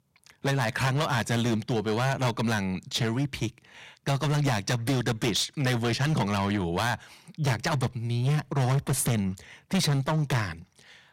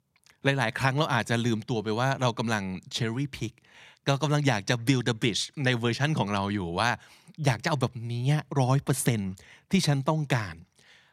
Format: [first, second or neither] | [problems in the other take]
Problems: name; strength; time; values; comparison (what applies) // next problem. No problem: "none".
second | distortion; heavy; 13% of the sound clipped